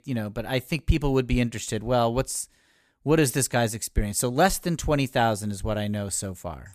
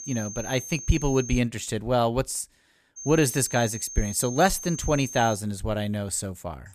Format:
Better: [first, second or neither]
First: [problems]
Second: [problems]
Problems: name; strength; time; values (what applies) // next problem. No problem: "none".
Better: first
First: none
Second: high-pitched whine; noticeable; until 1.5 s and from 3 to 5.5 s; 6.5 kHz, 10 dB below the speech